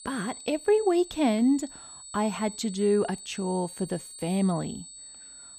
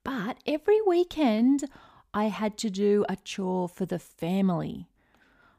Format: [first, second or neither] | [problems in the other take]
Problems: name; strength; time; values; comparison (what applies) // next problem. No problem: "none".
second | high-pitched whine; noticeable; throughout; 8 kHz, 15 dB below the speech